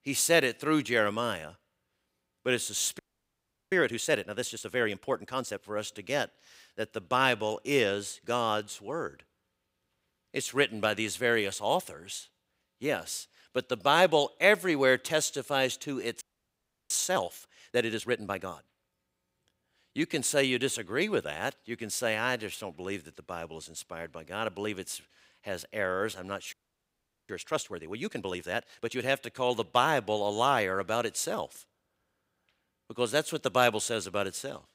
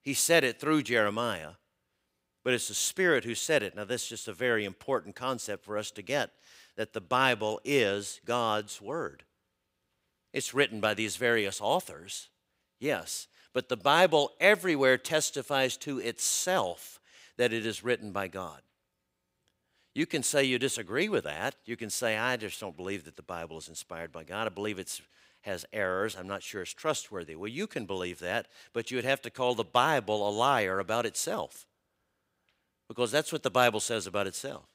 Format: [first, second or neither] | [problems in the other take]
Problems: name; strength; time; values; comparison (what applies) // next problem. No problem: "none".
second | audio freezing; at 3 s for 0.5 s, at 16 s for 0.5 s and at 27 s for 1 s